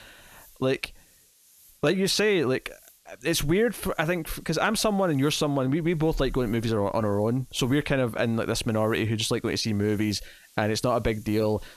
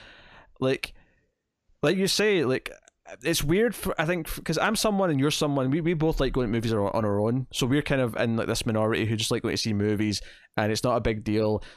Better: second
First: hiss; faint; throughout; 30 dB below the speech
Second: none

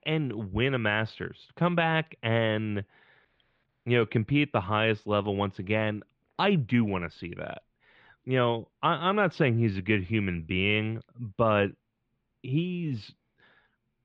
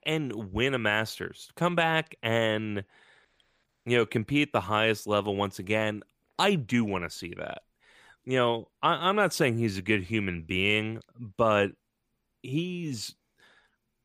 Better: second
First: muffled; slightly; fading above 3.5 kHz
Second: none

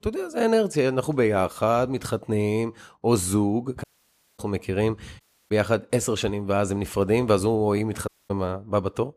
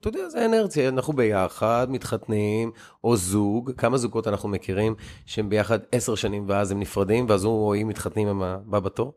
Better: second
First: audio cutting out; at 4 s for 0.5 s, at 5 s and at 8 s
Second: none

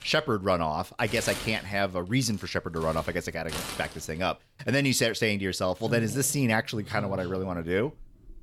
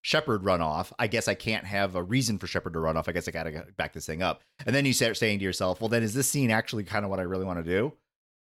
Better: second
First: household noises; noticeable; throughout; 10 dB below the speech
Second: none

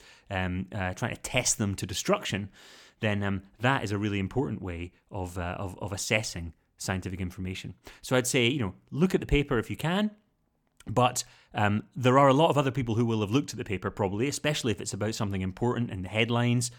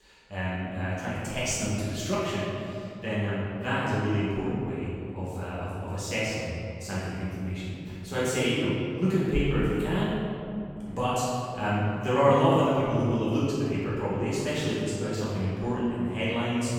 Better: first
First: none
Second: room echo; strong; dies away in 2.5 s // off-mic speech; far

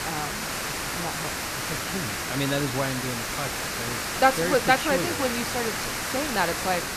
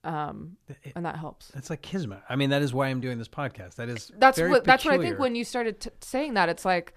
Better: second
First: hiss; loud; throughout; 1 dB below the speech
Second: none

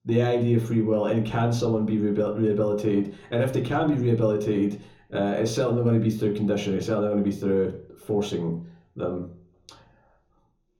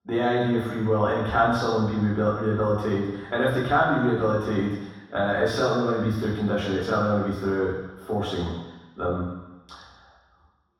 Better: first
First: room echo; slight; dies away in 0.6 s // off-mic speech; somewhat distant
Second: room echo; strong; dies away in 1.2 s // off-mic speech; far

